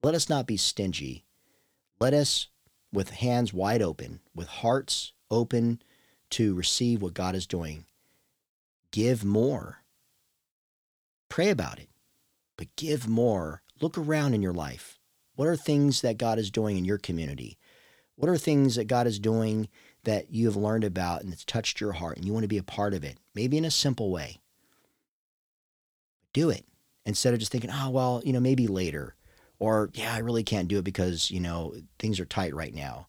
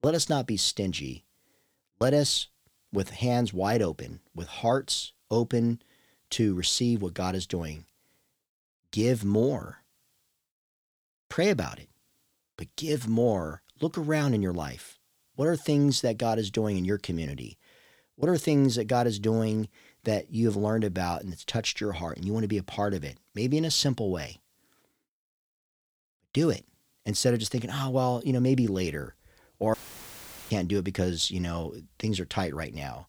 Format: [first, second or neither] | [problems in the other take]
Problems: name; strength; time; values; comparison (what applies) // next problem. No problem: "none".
first | audio cutting out; filled with static; at 30 s for 1 s